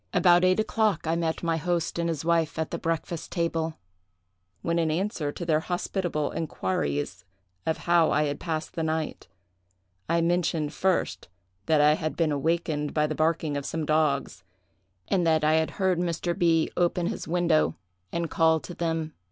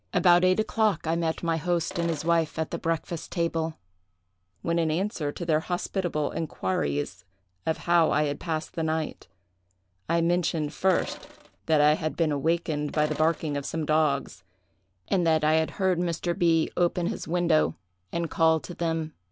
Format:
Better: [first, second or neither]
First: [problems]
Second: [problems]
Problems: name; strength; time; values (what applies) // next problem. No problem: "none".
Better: first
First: none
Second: background sound (Sink (filling or washing)); 16 dB below the speech